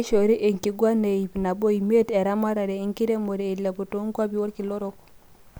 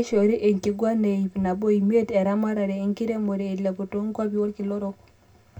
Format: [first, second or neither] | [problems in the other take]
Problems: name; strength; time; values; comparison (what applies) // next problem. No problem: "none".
first | room echo; dies away in 0.2 s